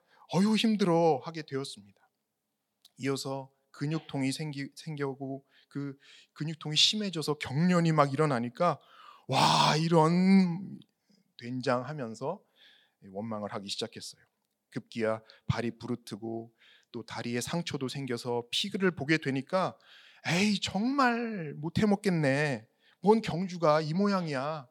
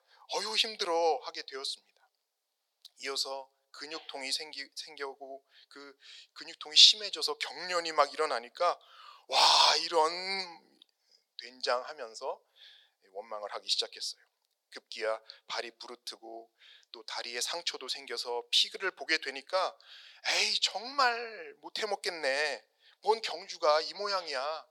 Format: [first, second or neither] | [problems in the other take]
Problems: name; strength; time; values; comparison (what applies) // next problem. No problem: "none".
first | thin; very; fading below 500 Hz